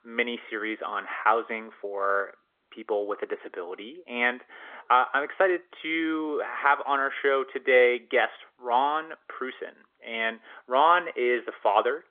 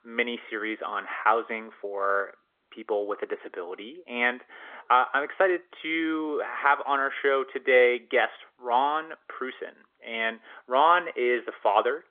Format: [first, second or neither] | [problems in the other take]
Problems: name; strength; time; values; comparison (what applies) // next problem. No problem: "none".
neither | phone-call audio; nothing above 3.5 kHz; the same in both